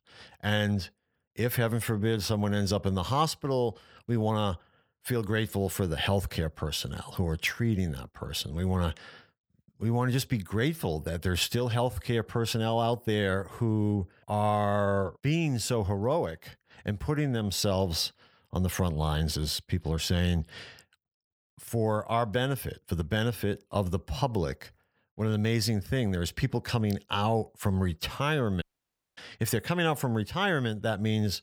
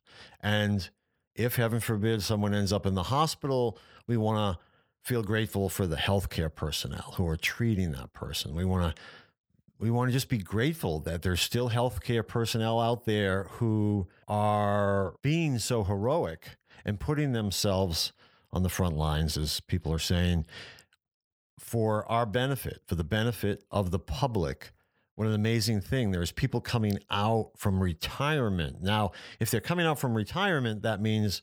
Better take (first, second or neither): second